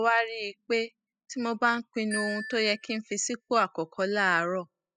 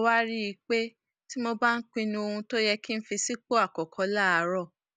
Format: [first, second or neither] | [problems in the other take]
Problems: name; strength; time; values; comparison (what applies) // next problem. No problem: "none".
second | noise reduction (classical method spectral subtraction)